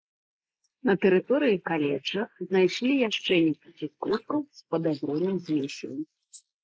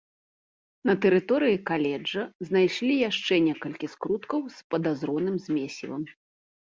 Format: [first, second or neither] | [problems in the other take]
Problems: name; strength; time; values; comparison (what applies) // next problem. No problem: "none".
second | noise reduction (neural mask model Resemble Enhance denoiser)